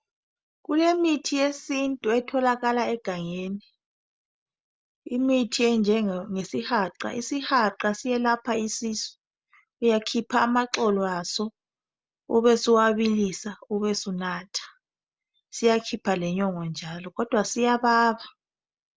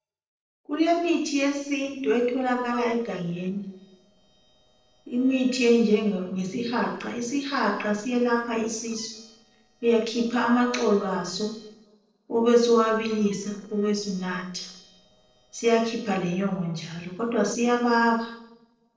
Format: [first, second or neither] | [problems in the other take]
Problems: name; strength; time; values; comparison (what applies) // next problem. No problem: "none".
first | noise reduction (neural separator model SepFormer DNS4)